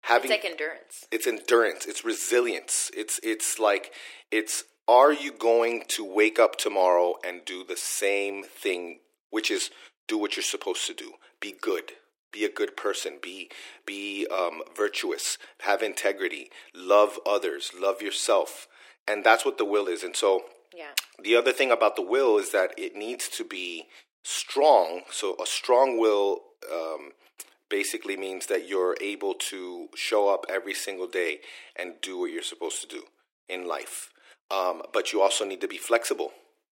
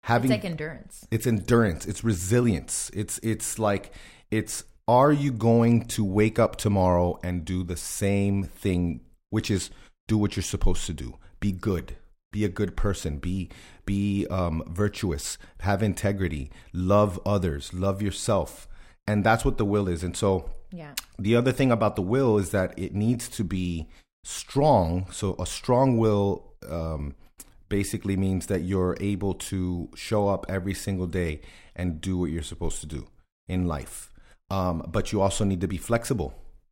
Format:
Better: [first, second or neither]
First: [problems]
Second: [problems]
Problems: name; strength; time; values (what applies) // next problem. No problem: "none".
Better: second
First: thin; very; fading below 350 Hz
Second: none